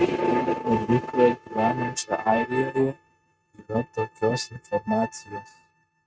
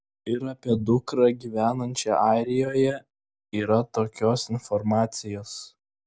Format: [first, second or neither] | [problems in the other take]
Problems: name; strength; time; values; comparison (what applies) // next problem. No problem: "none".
second | noise reduction (neural mask model RNNoise)